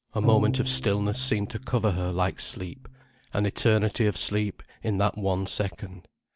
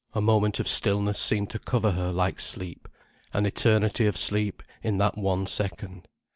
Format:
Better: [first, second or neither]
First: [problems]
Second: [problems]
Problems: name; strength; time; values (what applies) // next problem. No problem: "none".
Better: second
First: background sound (Bowed string instrument); 8 dB below the speech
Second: none